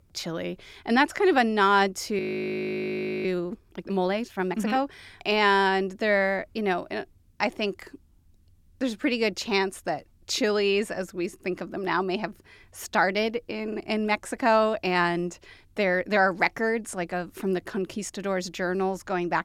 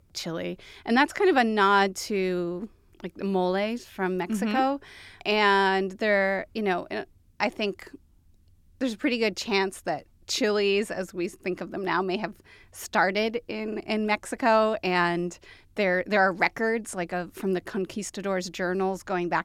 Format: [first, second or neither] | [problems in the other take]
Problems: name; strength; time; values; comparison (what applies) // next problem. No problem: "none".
second | audio freezing; at 2 s for 1 s